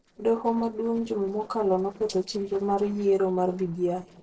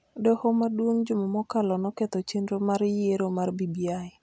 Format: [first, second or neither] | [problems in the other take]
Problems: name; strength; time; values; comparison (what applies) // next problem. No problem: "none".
second | noise reduction (neural separator model SepFormer DNS4)